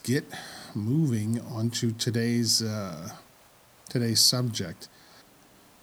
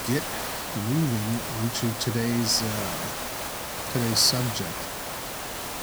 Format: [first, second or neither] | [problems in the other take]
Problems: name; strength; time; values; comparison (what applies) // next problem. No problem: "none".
first | hiss; loud; throughout; 5 dB below the speech; faint in the first